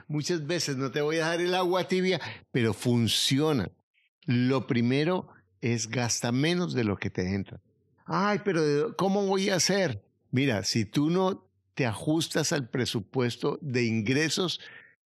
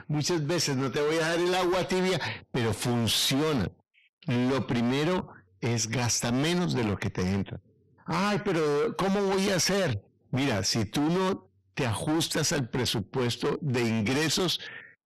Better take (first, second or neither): first